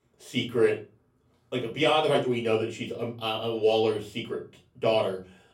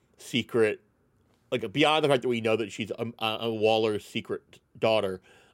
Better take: second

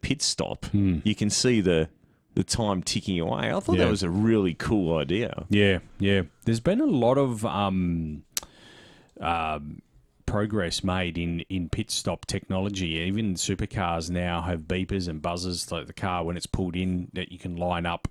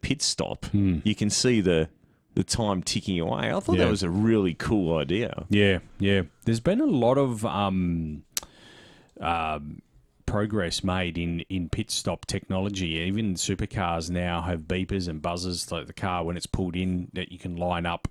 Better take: neither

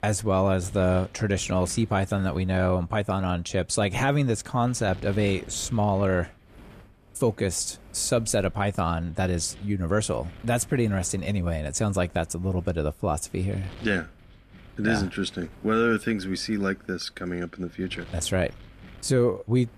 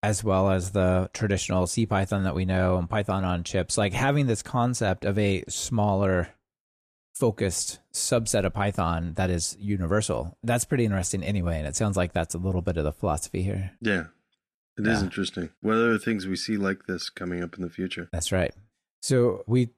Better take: second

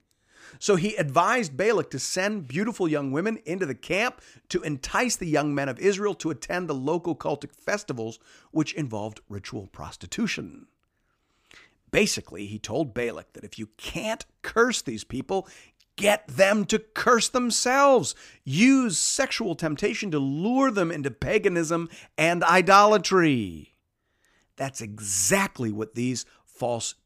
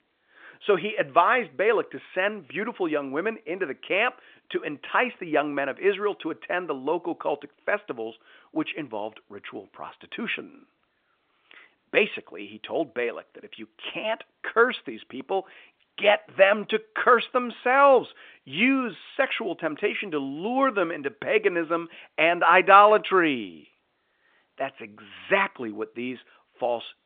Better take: first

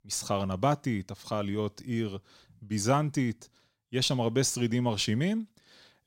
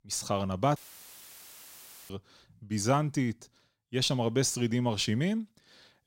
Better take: first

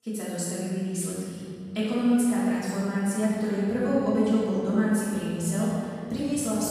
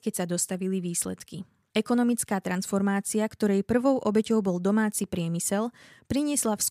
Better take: second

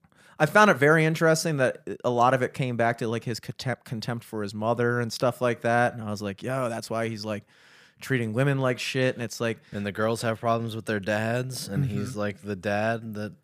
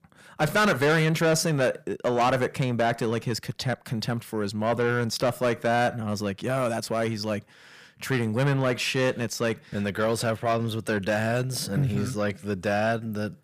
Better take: first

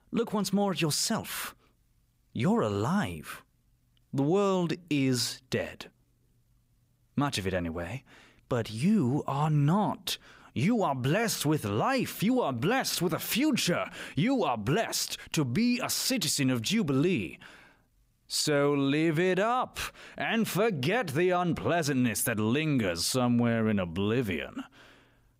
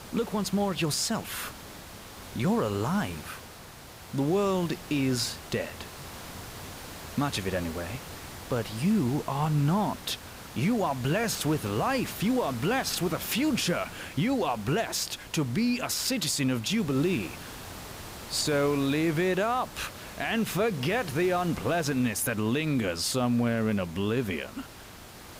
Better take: first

